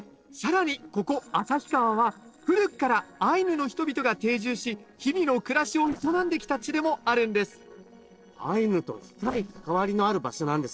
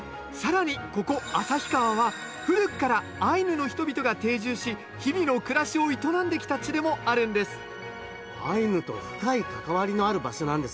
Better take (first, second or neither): second